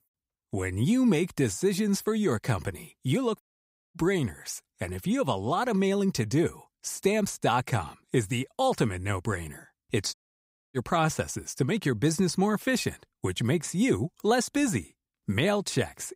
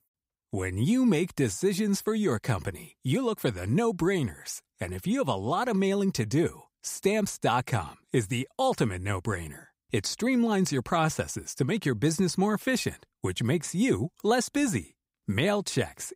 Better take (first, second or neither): second